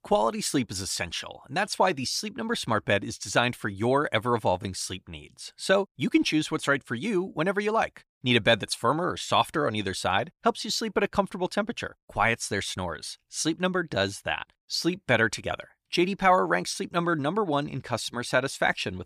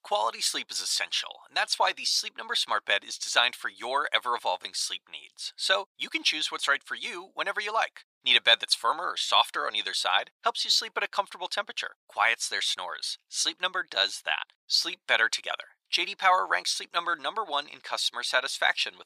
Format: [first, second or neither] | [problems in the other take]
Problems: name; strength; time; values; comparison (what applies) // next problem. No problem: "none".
first | thin; very; fading below 950 Hz